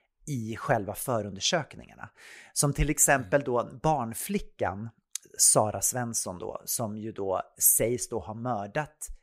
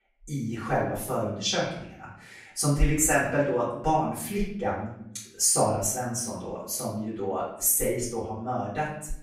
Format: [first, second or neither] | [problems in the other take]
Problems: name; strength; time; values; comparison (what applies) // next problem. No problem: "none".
first | off-mic speech; far // room echo; noticeable; dies away in 0.6 s